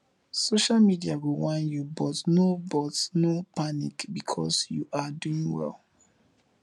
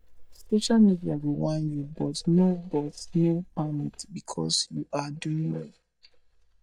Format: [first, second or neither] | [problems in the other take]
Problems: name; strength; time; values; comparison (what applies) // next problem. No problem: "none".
first | noise reduction (neural mask model DeepFilterNet 3)